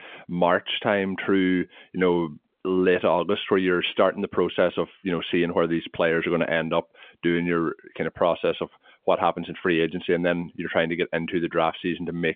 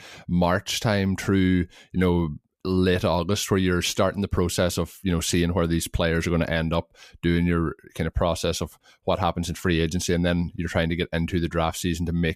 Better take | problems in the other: second | phone-call audio; nothing above 3.5 kHz

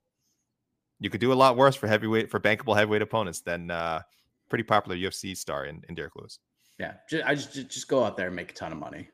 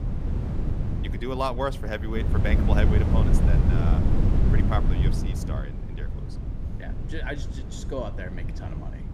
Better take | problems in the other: first | wind noise on the microphone; heavy; 4 dB below the speech

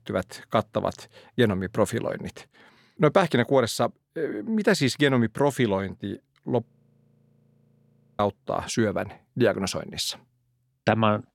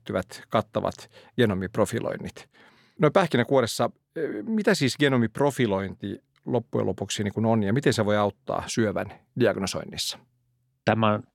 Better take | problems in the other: second | audio freezing; at 6.5 s for 1.5 s

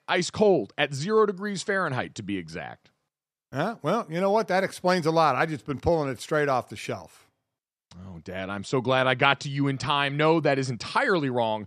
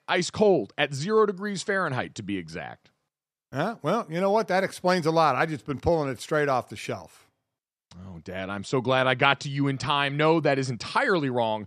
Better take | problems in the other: neither | none

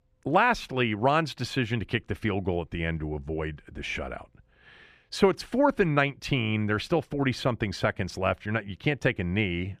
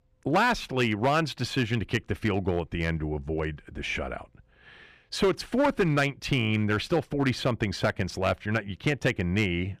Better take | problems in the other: first | distortion; slight; 4% of the sound clipped

